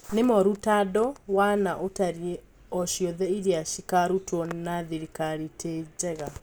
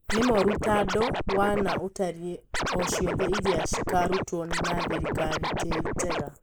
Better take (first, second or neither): first